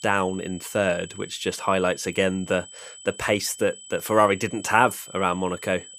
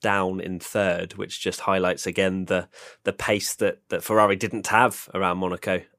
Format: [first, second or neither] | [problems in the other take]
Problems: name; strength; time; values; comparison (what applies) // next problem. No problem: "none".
second | high-pitched whine; noticeable; throughout; 8 kHz, 15 dB below the speech